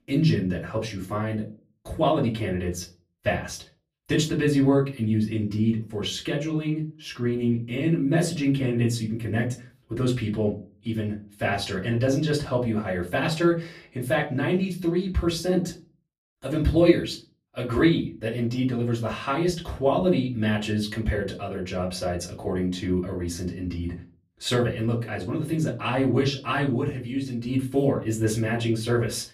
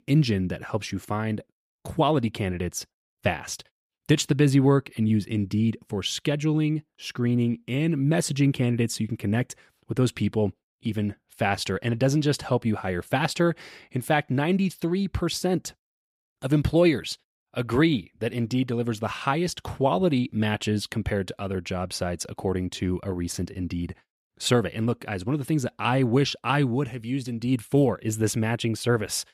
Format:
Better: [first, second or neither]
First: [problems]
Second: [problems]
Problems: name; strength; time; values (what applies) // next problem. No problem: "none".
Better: second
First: off-mic speech; far // room echo; very slight; dies away in 0.3 s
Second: none